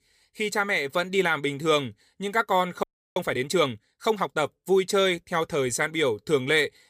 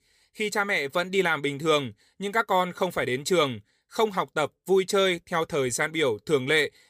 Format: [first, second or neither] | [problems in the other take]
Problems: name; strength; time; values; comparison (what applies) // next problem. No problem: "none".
second | audio freezing; at 3 s